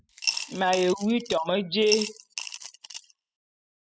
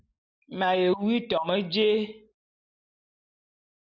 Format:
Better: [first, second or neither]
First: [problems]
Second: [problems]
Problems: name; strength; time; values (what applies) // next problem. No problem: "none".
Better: second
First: noise reduction (classical method spectral subtraction)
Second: none